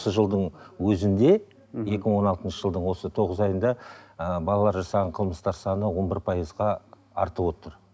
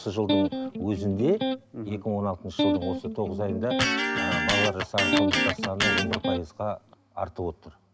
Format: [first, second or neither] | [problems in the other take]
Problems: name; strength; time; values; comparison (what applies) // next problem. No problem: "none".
first | background sound (Electric guitar + Electric guitar); 3 dB above the speech